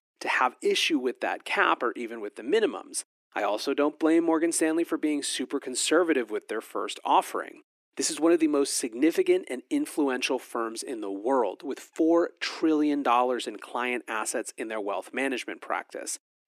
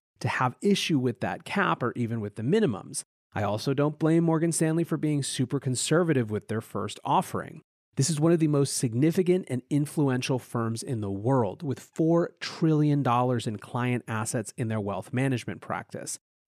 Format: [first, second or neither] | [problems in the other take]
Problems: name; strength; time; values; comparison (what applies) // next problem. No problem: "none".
second | thin; somewhat; fading below 300 Hz